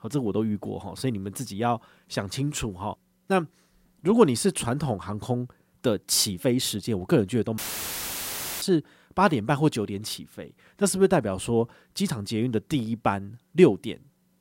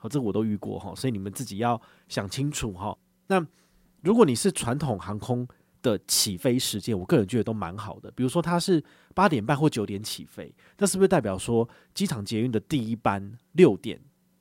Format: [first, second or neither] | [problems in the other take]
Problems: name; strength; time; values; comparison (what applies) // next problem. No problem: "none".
second | audio cutting out; filled with static; at 7.5 s for 1 s